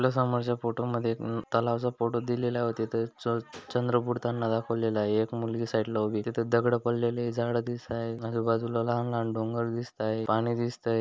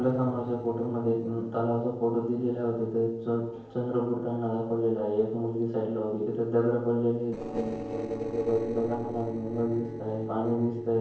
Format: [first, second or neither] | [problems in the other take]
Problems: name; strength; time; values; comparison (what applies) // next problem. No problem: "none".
first | noise reduction (neural separator model SepFormer DNS4)